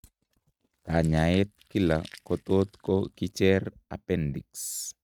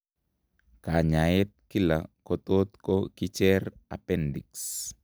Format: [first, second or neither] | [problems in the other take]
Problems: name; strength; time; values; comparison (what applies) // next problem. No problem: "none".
second | noise reduction (neural mask model RNNoise)